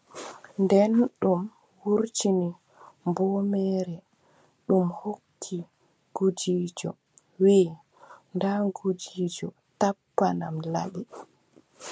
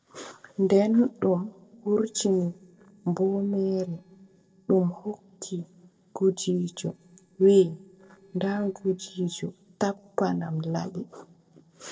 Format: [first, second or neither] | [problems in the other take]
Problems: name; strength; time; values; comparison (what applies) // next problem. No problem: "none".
first | noise reduction (neural separator model SepFormer DNS4)